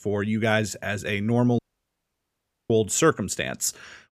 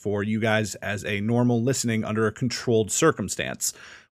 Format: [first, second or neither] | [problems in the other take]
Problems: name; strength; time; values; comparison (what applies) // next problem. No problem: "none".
second | audio cutting out; at 1.5 s for 1 s